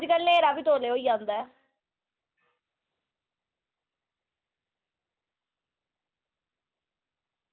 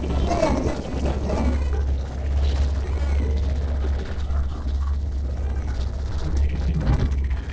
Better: first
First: none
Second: noise reduction (neural separator model SepFormer DNS4)

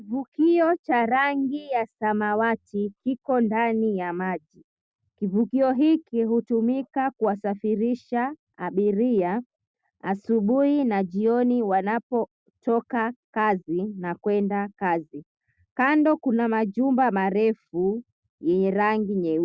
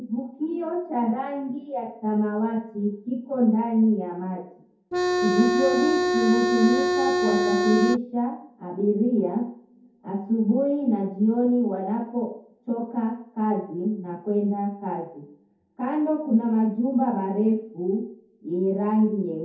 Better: first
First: none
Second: background sound (Organ); 2 dB above the speech // room echo; dies away in 0.6 s

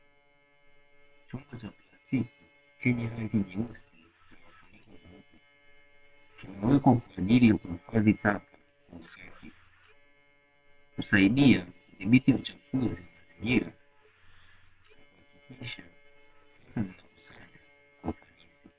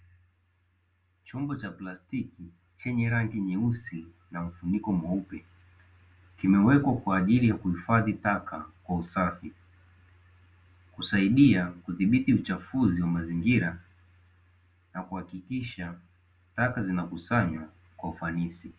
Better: second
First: noise reduction (neural separator model SepFormer WHAM!)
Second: none

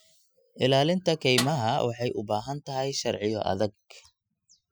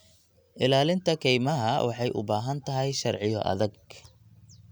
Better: second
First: noise reduction (classical method Wiener filter)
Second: none

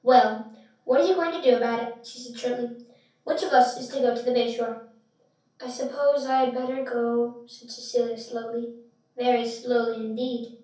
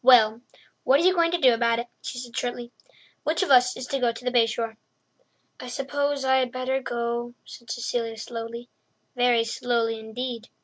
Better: second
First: room echo; dies away in 0.6 s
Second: none

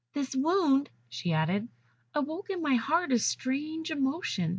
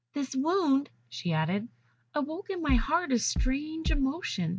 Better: first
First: none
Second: background sound (Bass drum); as loud as the speech

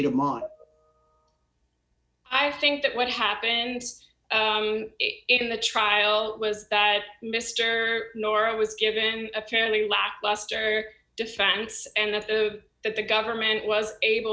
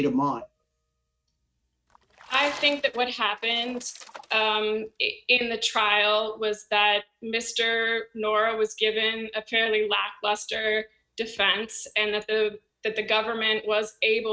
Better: first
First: none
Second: noise reduction (neural mask model RNNoise)

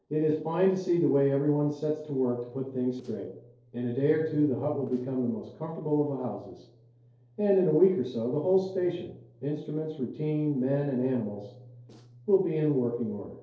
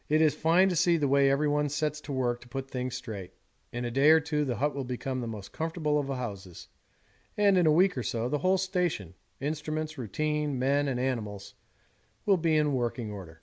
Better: second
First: noise reduction (neural separator model SepFormer DNS4)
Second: none

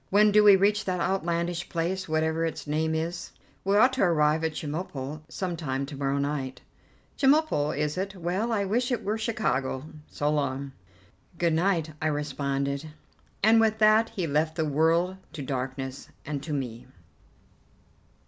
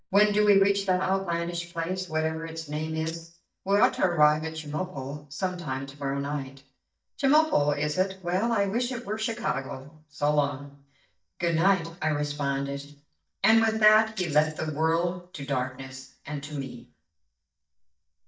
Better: first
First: none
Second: noise reduction (neural mask model DeepFilterNet 3)

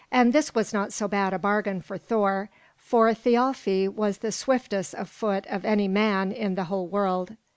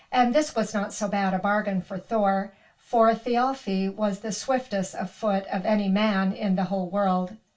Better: first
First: none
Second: room echo; dies away in 0.2 s

